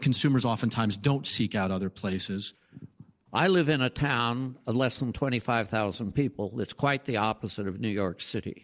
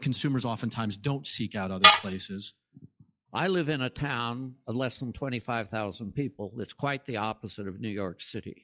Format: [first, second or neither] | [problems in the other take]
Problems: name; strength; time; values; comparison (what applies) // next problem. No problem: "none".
first | noise reduction (classical method log-MMSE)